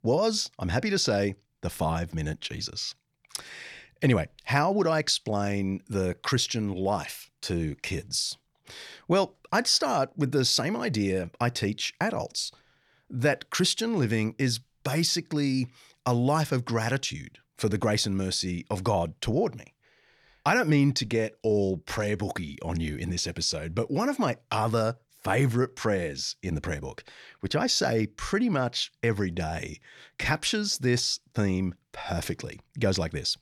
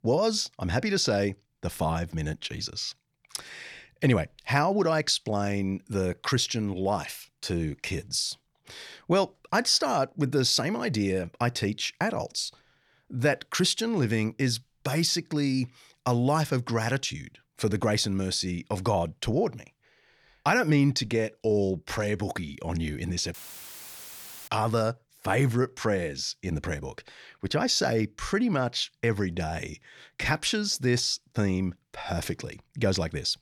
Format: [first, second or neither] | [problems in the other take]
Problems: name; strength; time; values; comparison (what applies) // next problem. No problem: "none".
first | audio cutting out; filled with static; at 23 s for 1 s